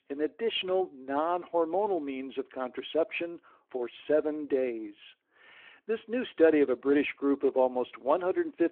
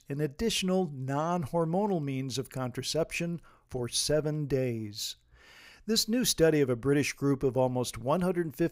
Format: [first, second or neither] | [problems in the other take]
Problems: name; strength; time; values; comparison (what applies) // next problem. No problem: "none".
second | phone-call audio; nothing above 3.5 kHz